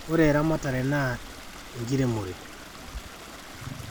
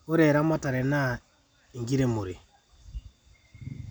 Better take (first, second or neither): second